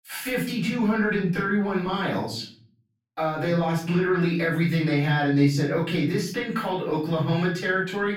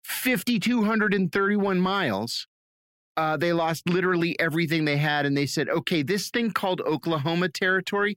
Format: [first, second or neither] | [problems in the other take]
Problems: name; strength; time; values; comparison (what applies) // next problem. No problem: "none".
second | off-mic speech; far // room echo; noticeable; dies away in 0.5 s